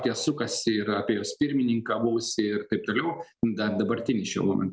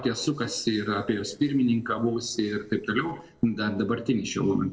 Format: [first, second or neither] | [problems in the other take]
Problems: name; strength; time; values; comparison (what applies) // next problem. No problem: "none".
first | noise reduction (neural separator model SepFormer DNS4)